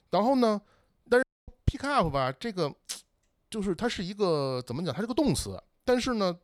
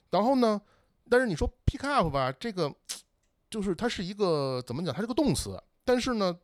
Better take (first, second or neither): second